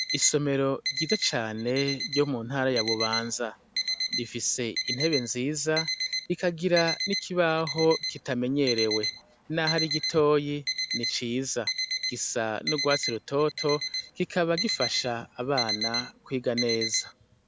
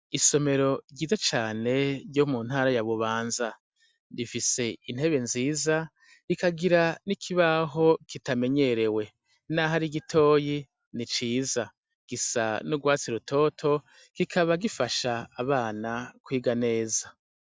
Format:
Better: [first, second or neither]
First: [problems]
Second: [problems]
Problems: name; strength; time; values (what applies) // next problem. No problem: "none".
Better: second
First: background sound (Alarm); 5 dB below the speech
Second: none